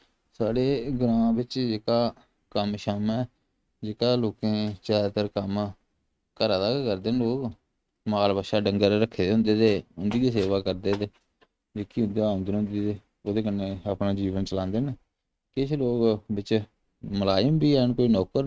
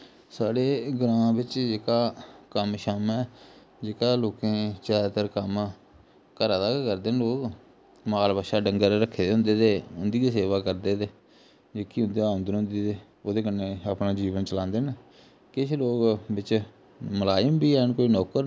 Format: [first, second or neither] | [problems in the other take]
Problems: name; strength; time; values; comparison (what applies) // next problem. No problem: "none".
second | noise reduction (neural mask model RNNoise)